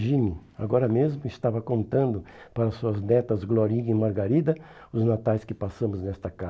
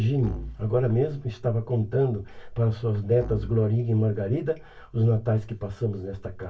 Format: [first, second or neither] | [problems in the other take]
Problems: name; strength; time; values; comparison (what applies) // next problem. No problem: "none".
first | background sound (Musical instrument); 17 dB below the speech // room echo; dies away in 0.1 s